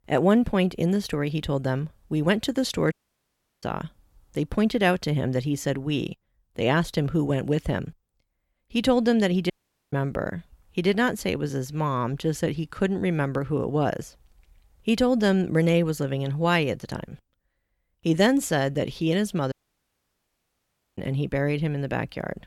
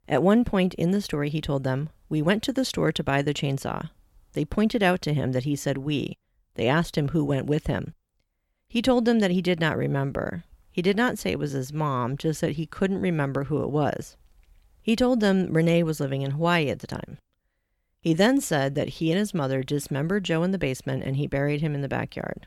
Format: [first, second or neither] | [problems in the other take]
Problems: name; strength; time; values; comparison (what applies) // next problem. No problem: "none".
second | audio cutting out; at 3 s for 0.5 s, at 9.5 s and at 20 s for 1.5 s